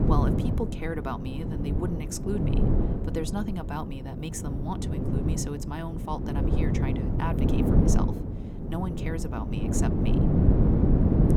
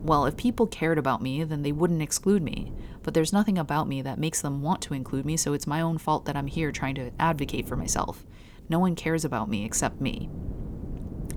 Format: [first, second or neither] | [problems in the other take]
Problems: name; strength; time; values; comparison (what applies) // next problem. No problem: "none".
second | wind noise on the microphone; heavy; 2 dB above the speech; occasional gusts in the second